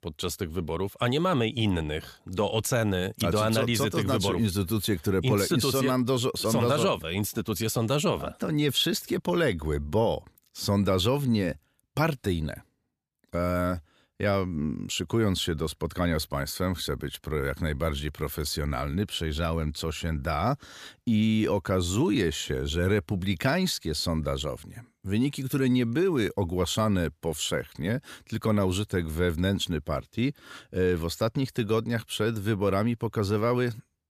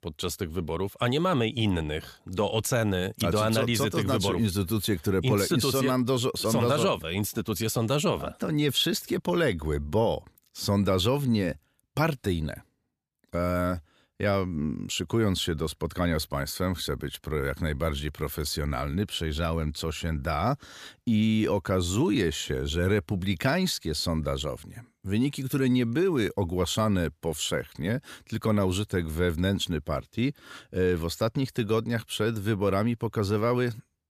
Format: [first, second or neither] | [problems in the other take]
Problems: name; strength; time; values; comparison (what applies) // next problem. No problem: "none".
neither | none